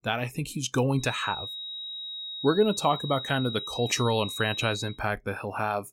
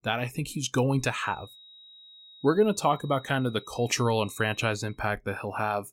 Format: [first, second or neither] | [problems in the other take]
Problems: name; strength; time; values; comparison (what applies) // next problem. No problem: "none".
second | high-pitched whine; loud; from 1 to 5 s; 4 kHz, 7 dB below the speech; faint in the second